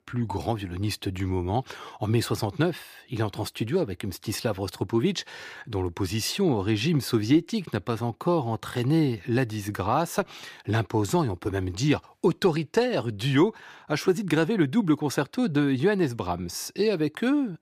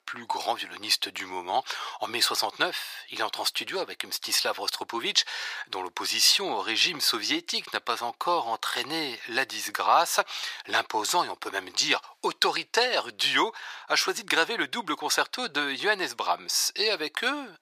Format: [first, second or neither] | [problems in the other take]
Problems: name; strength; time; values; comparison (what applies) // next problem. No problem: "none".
first | thin; very; fading below 900 Hz